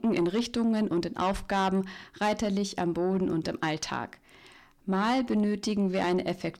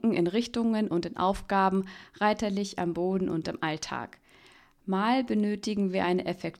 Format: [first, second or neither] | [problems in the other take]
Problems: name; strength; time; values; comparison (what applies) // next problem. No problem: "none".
second | distortion; slight; 10 dB below the speech